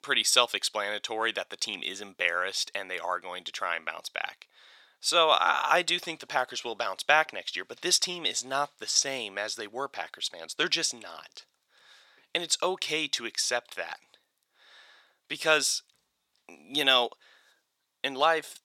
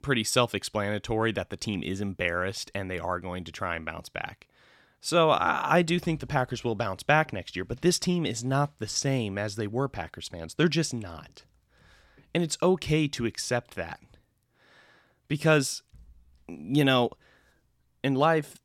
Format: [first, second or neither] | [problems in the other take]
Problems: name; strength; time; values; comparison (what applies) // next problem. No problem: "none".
second | thin; very; fading below 600 Hz